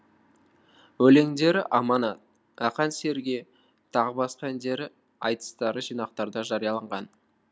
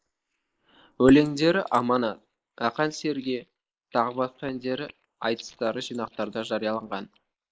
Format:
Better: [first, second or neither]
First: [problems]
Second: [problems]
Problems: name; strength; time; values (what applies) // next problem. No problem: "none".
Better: first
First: none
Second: noise reduction (neural mask model Resemble Enhance denoiser)